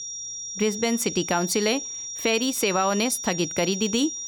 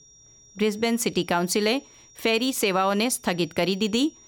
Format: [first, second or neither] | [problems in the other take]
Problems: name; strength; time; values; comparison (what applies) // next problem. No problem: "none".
second | high-pitched whine; loud; throughout; 5.5 kHz, 6 dB below the speech; faint in the second